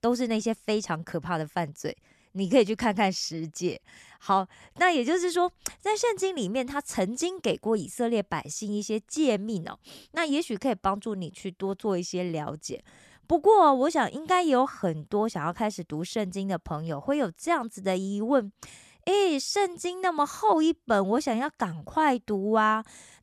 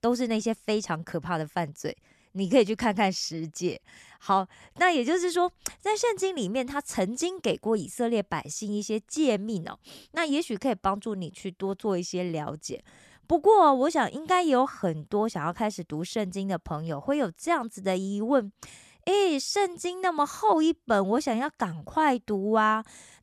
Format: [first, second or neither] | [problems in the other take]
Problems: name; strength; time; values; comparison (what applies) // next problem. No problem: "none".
neither | none